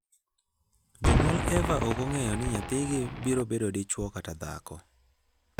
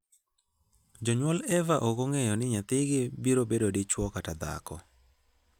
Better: second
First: background sound (Cheering / Fireworks); as loud as the speech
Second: none

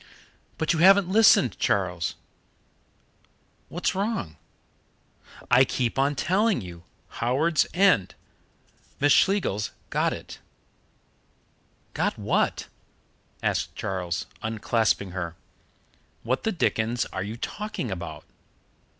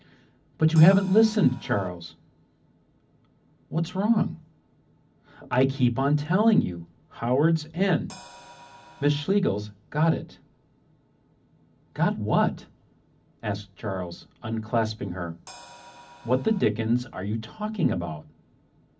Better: first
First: none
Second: background sound (Crash cymbal); 20 dB below the speech // room echo; dies away in 0.4 s

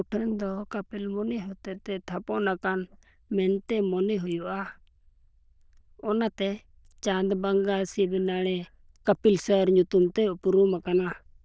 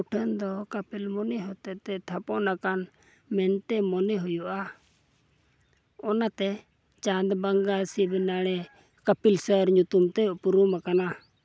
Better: second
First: noise reduction (neural diffusion model UNIVERSE++)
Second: none

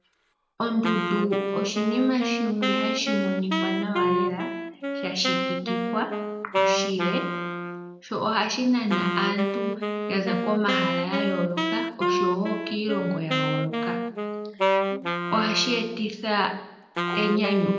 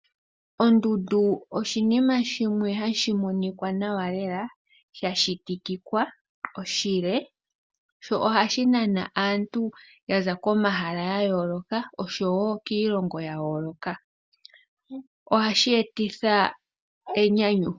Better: second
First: background sound (Wind instrument, woodwind instrument); 1 dB below the speech // room echo; dies away in 0.7 s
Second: none

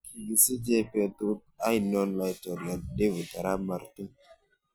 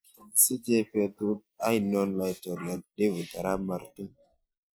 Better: first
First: none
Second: noise reduction (neural mask model Resemble Enhance denoiser)

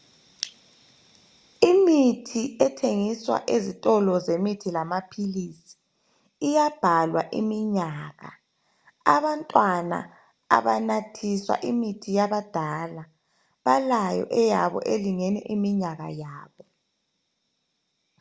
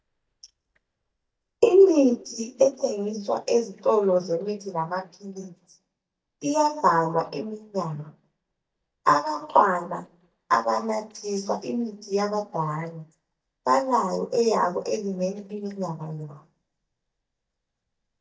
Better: first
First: none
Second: noise reduction (neural mask model DeepFilterNet 3)

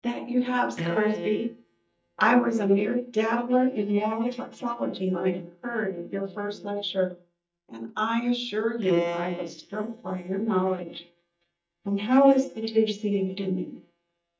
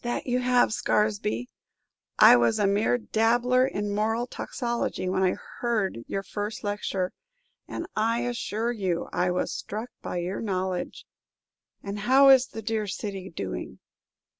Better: second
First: noise reduction (neural mask model DeepFilterNet 3)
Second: none

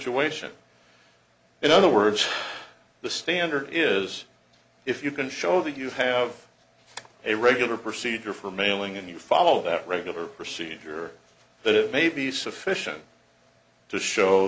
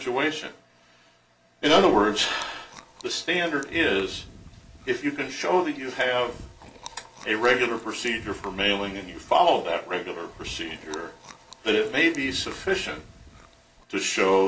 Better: first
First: none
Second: background sound (Chewing, mastication); 20 dB below the speech // room echo; dies away in 0.2 s

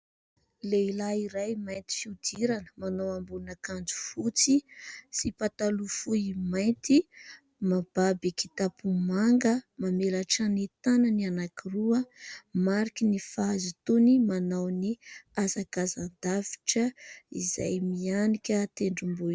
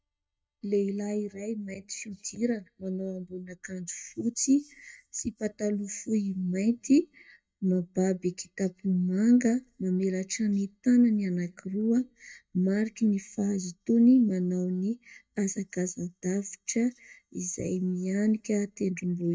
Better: first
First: none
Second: noise reduction (neural mask model DeepFilterNet 3)

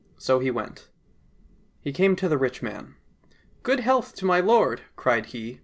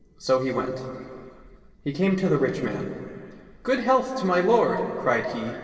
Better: first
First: none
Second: room echo; dies away in 2.4 s

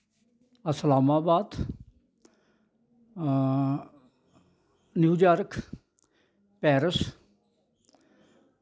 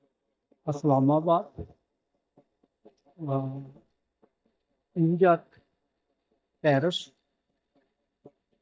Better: first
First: none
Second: noise reduction (neural mask model DeepFilterNet 3)

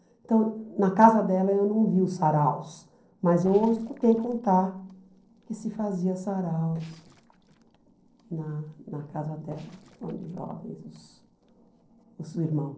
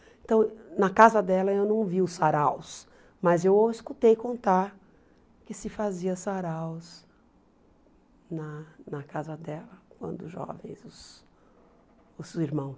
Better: second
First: noise reduction (neural separator model SepFormer DNS4)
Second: none

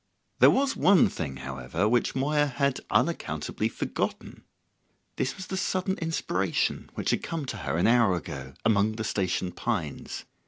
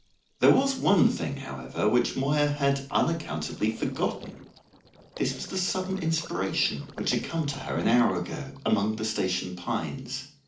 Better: first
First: none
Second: noise reduction (neural separator model SepFormer DNS4)

